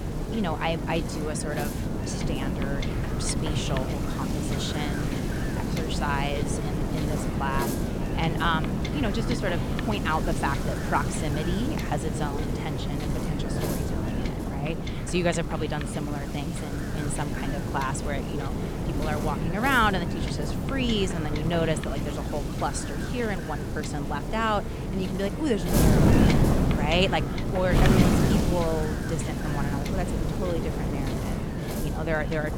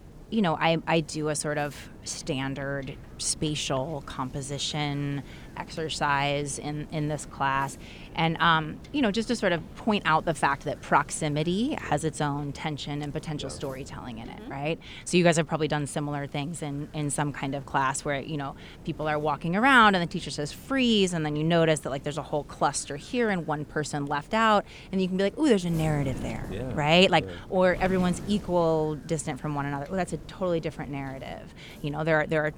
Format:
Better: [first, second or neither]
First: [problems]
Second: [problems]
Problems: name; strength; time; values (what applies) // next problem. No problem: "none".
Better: second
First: wind noise on the microphone; heavy; 3 dB below the speech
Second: wind noise on the microphone; occasional gusts; 25 dB below the speech